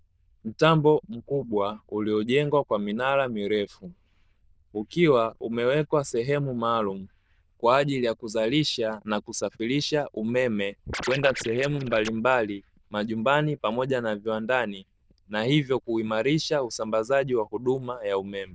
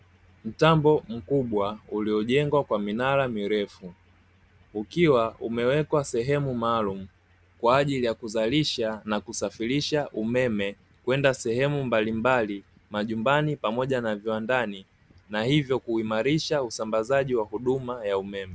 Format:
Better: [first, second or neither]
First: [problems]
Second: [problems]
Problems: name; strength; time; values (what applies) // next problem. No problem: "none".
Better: second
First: noise reduction (neural diffusion model UNIVERSE++)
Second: none